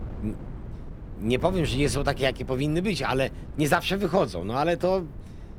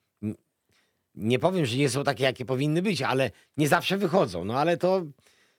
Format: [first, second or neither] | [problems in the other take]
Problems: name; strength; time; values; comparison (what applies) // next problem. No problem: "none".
second | wind noise on the microphone; occasional gusts; 20 dB below the speech